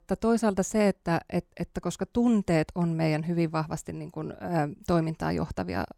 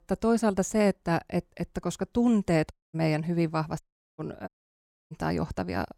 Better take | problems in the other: first | audio cutting out; at 2.5 s, at 4 s and at 4.5 s for 0.5 s

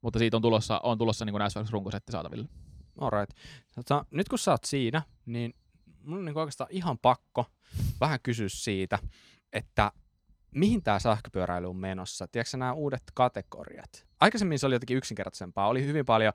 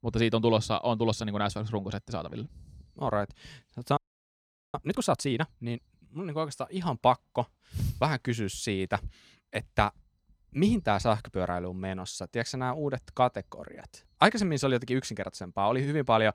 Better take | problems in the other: first | audio freezing; at 4 s for 1 s

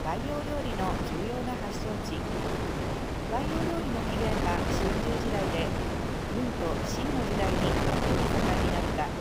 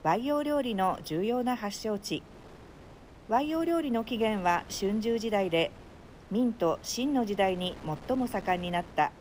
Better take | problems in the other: second | wind noise on the microphone; heavy; 4 dB above the speech; occasional gusts in the second

